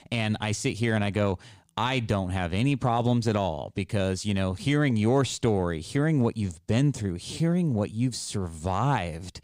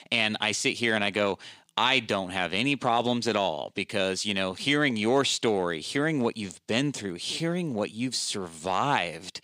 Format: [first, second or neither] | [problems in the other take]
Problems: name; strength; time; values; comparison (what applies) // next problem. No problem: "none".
first | thin; very slightly; fading below 250 Hz